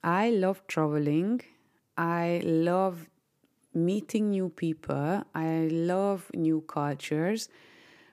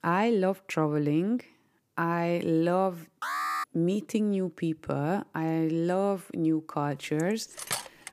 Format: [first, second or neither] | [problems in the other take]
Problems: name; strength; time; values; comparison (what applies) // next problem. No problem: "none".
first | alarm; noticeable; at 3 s; peak 1 dB below the speech // clattering dishes; noticeable; at 7 s; peak 5 dB below the speech